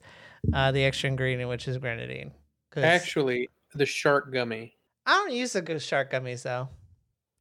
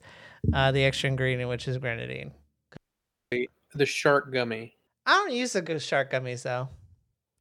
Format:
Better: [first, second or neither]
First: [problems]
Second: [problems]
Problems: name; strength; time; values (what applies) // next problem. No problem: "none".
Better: first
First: none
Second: audio cutting out; at 3 s for 0.5 s